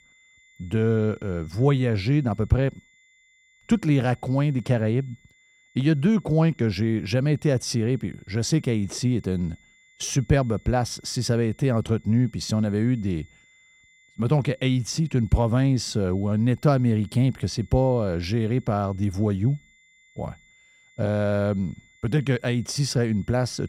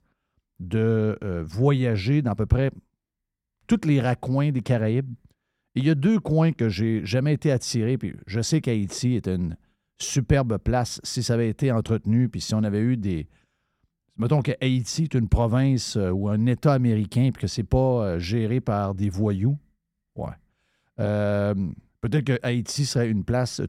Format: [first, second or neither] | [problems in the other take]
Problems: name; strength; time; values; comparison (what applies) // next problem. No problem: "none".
second | high-pitched whine; faint; throughout; 2 kHz, 30 dB below the speech